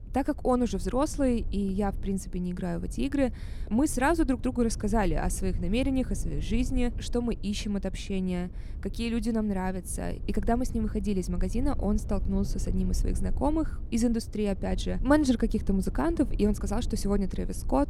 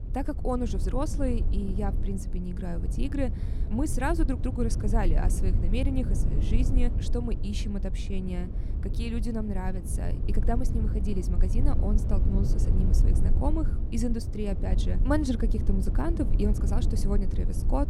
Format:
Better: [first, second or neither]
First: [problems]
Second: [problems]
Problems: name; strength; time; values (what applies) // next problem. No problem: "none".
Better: first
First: low rumble; faint; throughout; 20 dB below the speech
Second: low rumble; loud; throughout; 8 dB below the speech